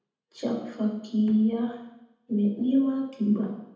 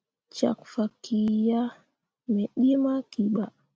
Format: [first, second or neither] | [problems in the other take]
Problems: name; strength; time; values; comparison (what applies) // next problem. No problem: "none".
second | room echo; dies away in 0.9 s